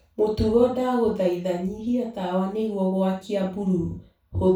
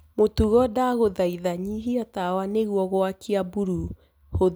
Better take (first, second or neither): second